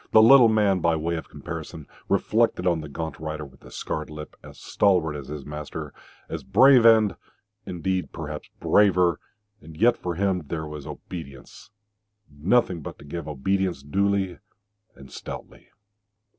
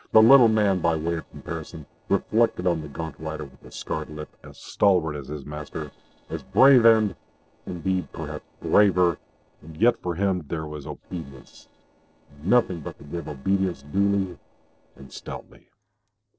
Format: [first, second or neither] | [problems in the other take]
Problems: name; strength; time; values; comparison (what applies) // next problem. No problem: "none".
first | noise reduction (neural separator model SepFormer DNS4)